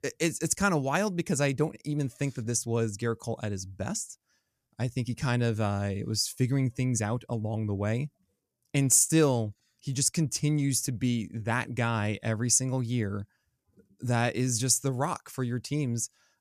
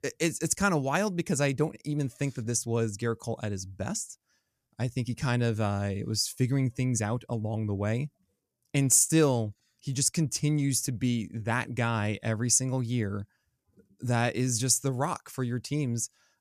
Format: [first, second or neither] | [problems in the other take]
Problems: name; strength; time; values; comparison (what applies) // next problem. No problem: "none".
neither | none